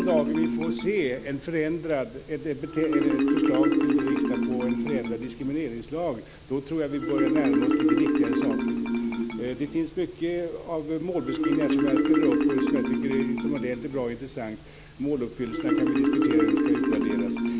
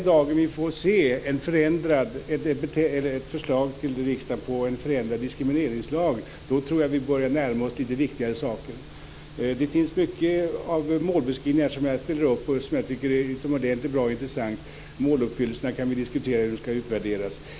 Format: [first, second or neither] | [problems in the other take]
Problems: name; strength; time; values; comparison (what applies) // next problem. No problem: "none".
second | background sound (Marimba, xylophone); 4 dB above the speech